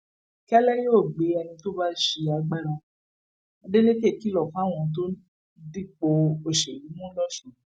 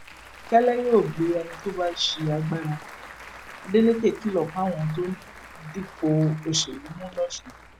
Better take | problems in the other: first | background sound (Applause); 17 dB below the speech

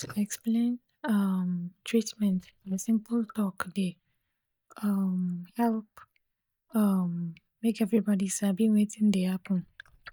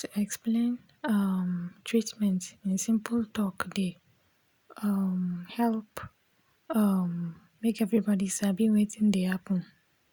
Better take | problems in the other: second | noise reduction (neural mask model DeepFilterNet 3)

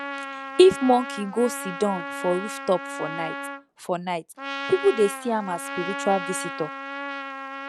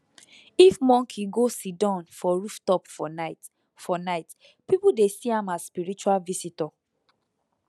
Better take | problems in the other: second | background sound (Trumpet); 9 dB below the speech

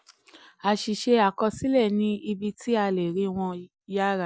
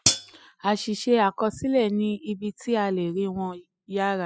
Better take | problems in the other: first | noise reduction (classical method spectral subtraction)

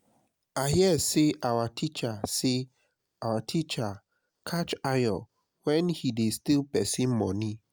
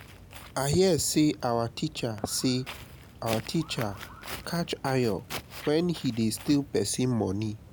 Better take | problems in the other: first | background sound (Walk, footsteps); 15 dB below the speech

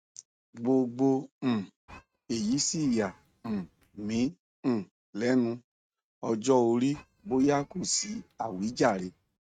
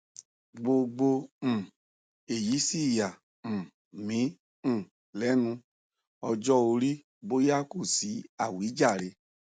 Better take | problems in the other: second | noise reduction (neural mask model RNNoise)

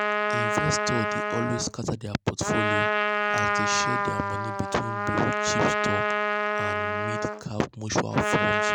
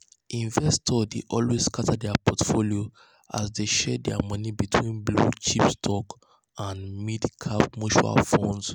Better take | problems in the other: second | background sound (Trumpet); 3 dB above the speech

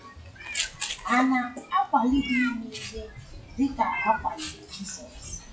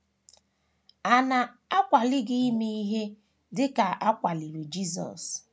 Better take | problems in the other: second | noise reduction (classical method WPE with log-MMSE)

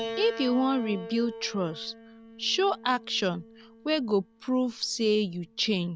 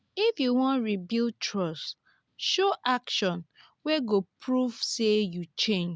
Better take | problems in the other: second | background sound (Piano); 14 dB below the speech

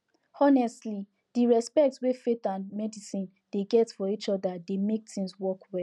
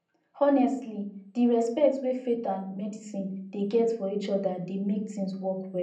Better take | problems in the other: first | room echo; dies away in 0.6 s

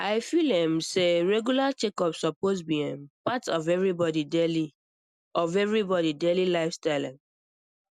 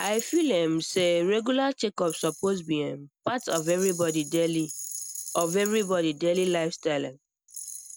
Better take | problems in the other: first | background sound (Rattle); 14 dB below the speech

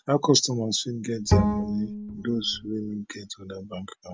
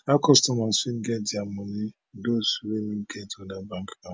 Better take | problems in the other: second | background sound (Bowed string instrument); 2 dB above the speech

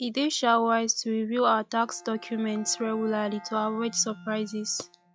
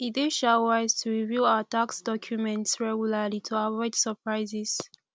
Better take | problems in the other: second | noise reduction (classical method log-MMSE)

